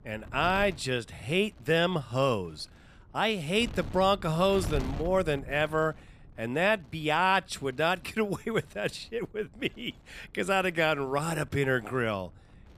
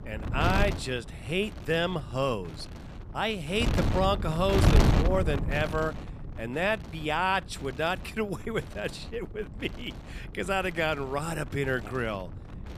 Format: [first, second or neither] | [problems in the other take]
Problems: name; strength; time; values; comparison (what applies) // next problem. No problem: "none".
first | wind noise on the microphone; heavy; 7 dB below the speech; occasional gusts in the first